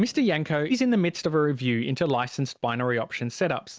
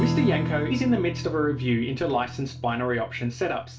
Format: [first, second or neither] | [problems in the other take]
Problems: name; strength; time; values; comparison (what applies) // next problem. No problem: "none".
first | background sound (Strum); 5 dB below the speech // room echo; dies away in 0.3 s